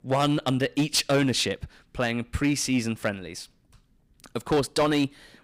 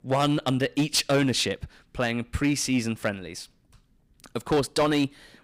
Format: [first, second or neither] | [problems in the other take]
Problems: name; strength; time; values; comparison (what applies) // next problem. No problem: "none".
neither | distortion; slight; 5% of the sound clipped; the same in both